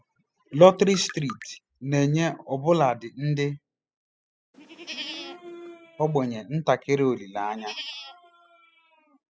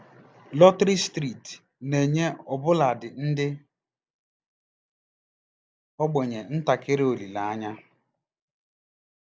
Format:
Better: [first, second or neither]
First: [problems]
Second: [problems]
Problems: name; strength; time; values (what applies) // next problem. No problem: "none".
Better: second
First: noise reduction (classical method spectral subtraction)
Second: none